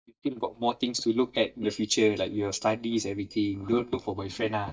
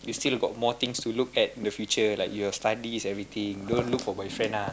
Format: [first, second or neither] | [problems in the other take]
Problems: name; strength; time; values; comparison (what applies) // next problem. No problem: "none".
second | noise reduction (neural mask model DeepFilterNet 3)